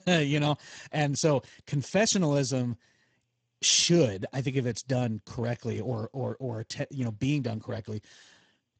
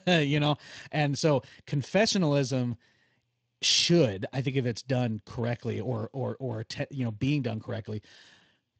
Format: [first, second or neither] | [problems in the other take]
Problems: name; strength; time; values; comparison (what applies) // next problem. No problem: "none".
second | garbled, watery; badly; nothing above 7.5 kHz; slightly in the second